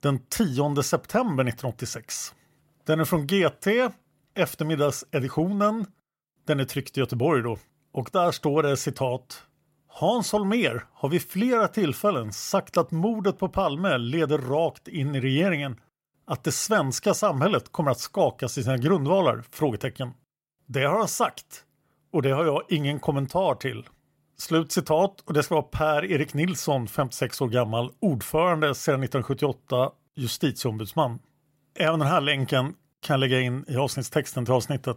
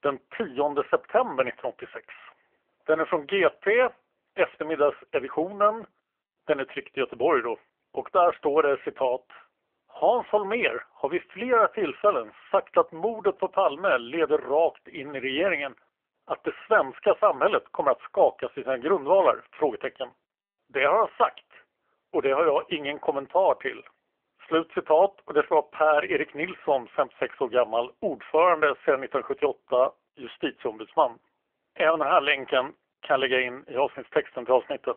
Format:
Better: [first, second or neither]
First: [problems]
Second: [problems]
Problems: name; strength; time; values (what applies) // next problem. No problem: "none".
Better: first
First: none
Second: phone-call audio; poor line; nothing above 3.5 kHz